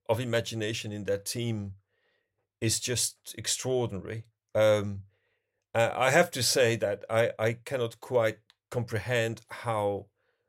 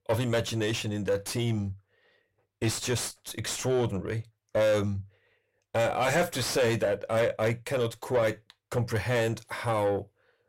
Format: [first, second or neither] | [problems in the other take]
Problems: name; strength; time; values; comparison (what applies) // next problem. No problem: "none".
first | distortion; heavy; 7 dB below the speech